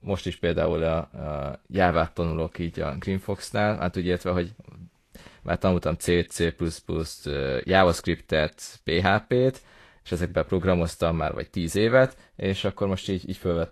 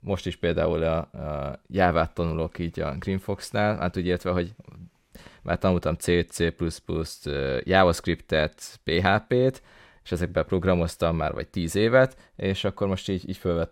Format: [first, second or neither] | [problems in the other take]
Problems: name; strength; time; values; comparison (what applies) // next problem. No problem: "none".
second | garbled, watery; slightly; nothing above 12.5 kHz